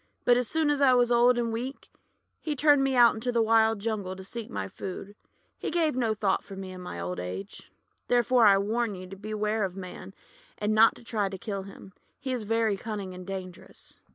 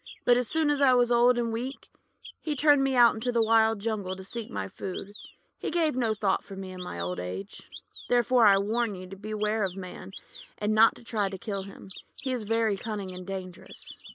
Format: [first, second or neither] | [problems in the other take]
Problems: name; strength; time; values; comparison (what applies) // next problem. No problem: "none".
first | noise reduction (neural mask model Resemble Enhance denoiser)